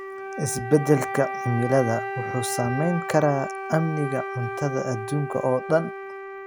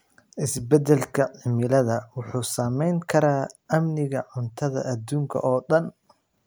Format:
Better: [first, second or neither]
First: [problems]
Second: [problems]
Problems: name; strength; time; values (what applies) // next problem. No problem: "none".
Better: second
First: background sound (Wind instrument, woodwind instrument); 7 dB below the speech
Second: none